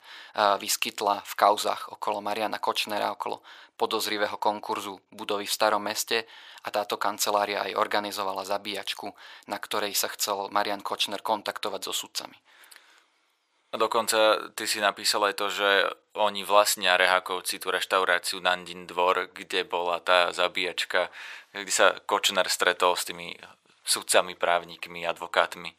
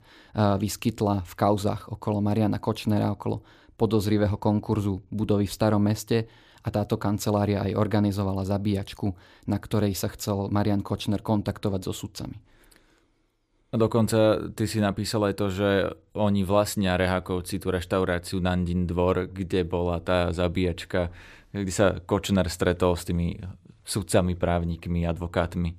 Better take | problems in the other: second | thin; very; fading below 950 Hz

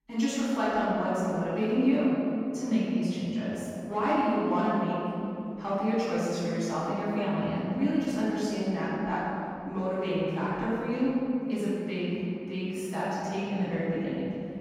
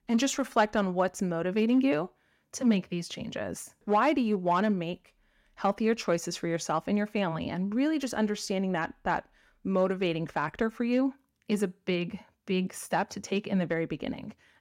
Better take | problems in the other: second | off-mic speech; far // room echo; strong; dies away in 2.7 s

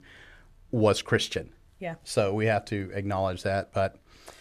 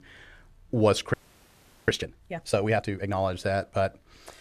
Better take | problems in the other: first | audio freezing; at 1 s for 0.5 s

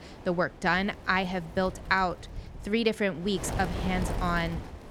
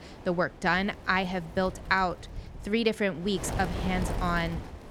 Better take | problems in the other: neither | wind noise on the microphone; occasional gusts; 15 dB below the speech; the same in both

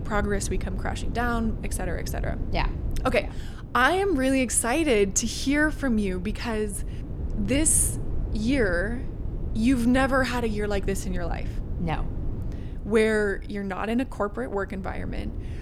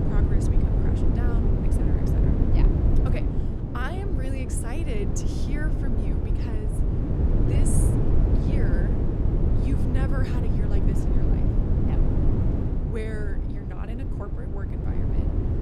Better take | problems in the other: first | wind noise on the microphone; heavy; 4 dB above the speech; occasional gusts in the first

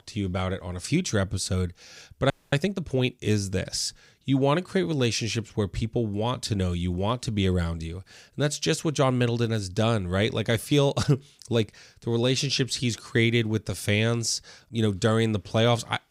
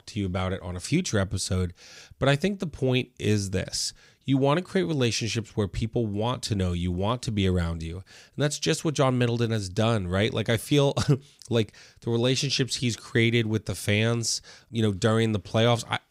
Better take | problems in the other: second | audio freezing; at 2.5 s

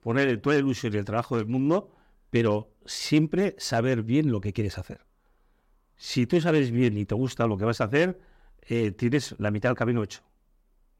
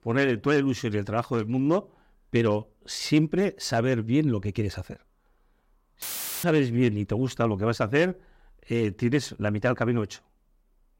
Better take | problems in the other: first | audio cutting out; filled with static; at 6 s

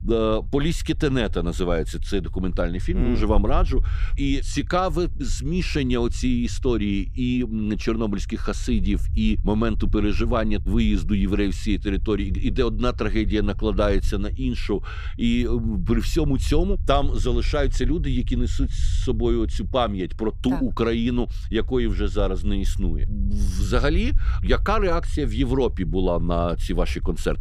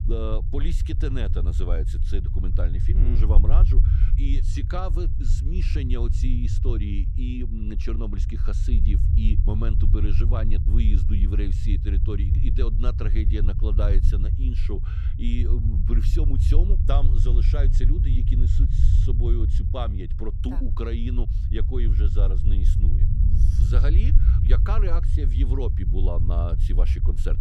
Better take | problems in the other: first | low rumble; loud; throughout; 4 dB below the speech; faint in the first

